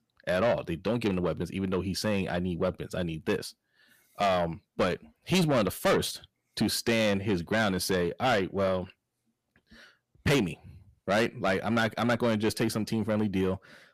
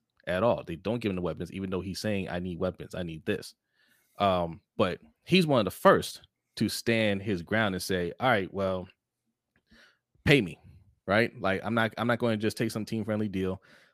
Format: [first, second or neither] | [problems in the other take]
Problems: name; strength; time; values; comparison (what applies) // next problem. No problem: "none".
second | distortion; heavy; 6 dB below the speech